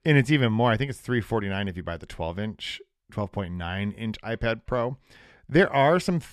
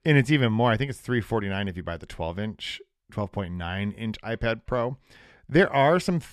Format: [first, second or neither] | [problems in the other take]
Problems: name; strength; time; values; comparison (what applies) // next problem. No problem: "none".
neither | none